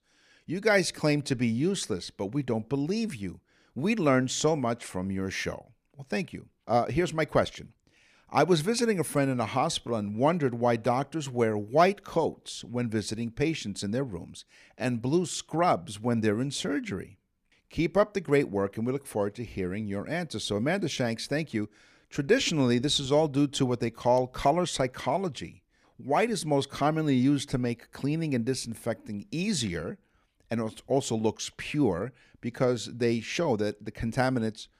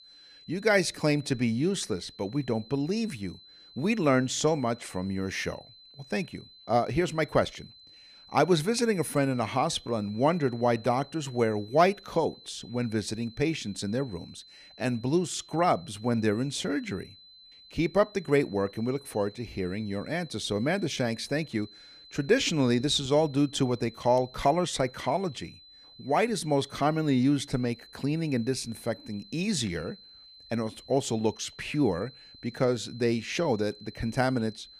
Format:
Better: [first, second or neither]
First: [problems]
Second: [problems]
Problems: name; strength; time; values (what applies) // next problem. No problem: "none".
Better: first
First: none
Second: high-pitched whine; faint; throughout; 4 kHz, 20 dB below the speech